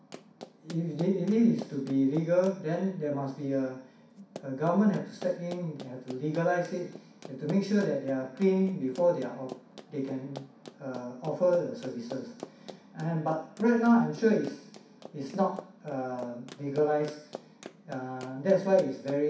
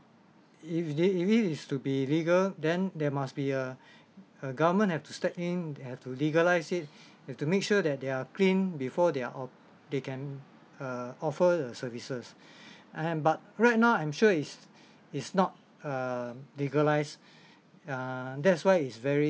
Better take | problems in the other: second | background sound (Run); 19 dB below the speech // room echo; dies away in 0.6 s

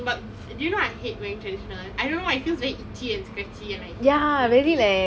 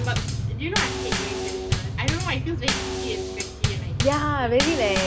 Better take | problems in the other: first | background sound (Bass drum / Snare drum / Drum kit); 1 dB above the speech

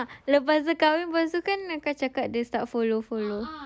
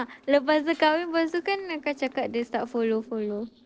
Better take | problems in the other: first | noise reduction (neural separator model SepFormer DNS4)

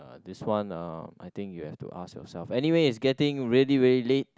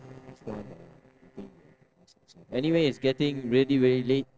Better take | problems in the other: first | noise reduction (neural separator model SepFormer DNS4)

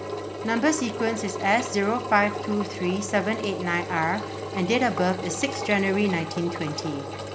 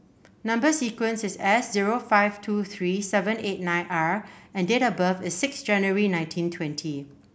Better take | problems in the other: second | background sound (Engine); 7 dB below the speech

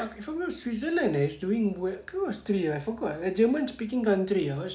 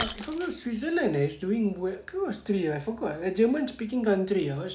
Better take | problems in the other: first | background sound (Shatter); 18 dB below the speech

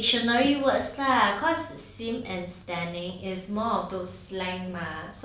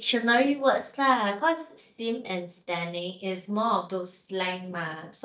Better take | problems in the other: first | noise reduction (neural mask model DeepFilterNet 3)

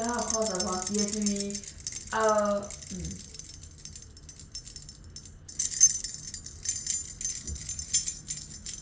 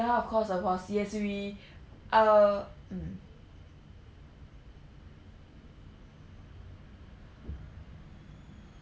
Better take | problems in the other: second | background sound (Keys jangling); 1 dB above the speech // room echo; dies away in 0.5 s

